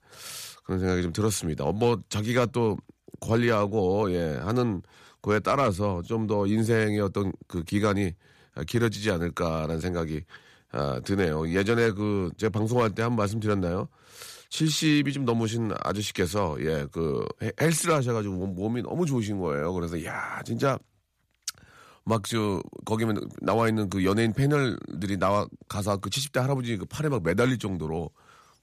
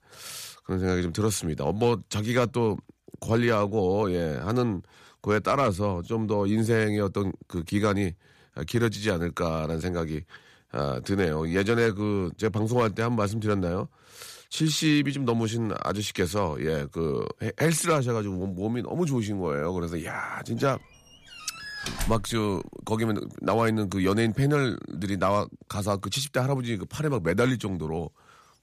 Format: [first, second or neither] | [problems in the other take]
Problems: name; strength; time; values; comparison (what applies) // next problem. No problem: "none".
first | door banging; noticeable; at 21 s; peak 5 dB below the speech